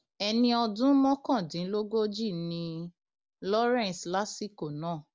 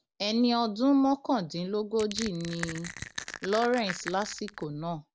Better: first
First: none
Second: background sound (Crushing); 11 dB below the speech

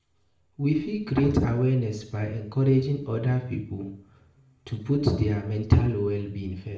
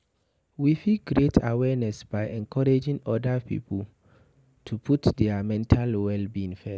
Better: second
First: room echo; dies away in 0.5 s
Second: none

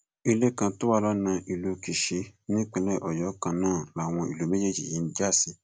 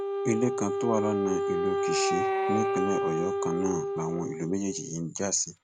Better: first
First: none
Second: background sound (Wind instrument, woodwind instrument); 1 dB above the speech

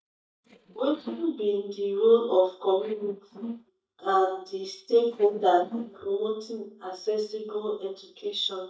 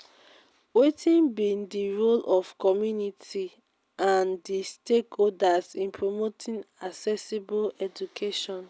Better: second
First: noise reduction (neural mask model DeepFilterNet 3)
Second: none

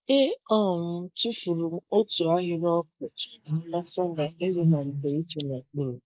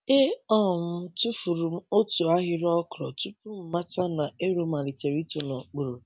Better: second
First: noise reduction (neural mask model Resemble Enhance denoiser)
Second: none

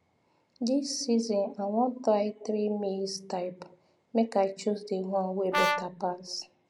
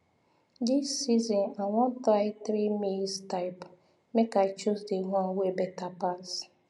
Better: second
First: background sound (Brass instrument); 1 dB below the speech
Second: none

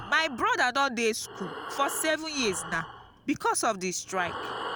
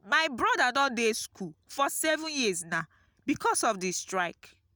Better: second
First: background sound (Breathing); 11 dB below the speech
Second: none

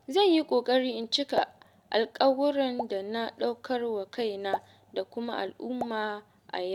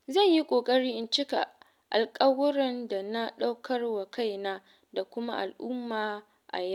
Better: second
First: background sound (Explosion); 13 dB below the speech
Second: none

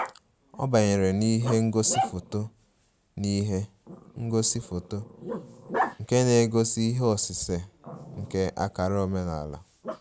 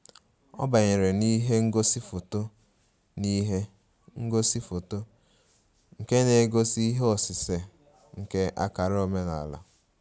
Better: second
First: background sound (Growling); 11 dB below the speech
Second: none

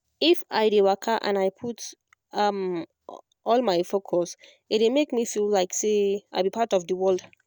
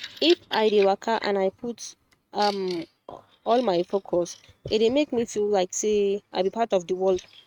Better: first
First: none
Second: noise reduction (neural mask model RNNoise)

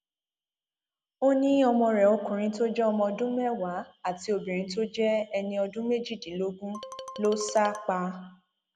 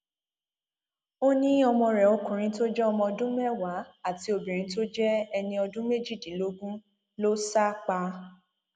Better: second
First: background sound (Marimba, xylophone); 14 dB below the speech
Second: none

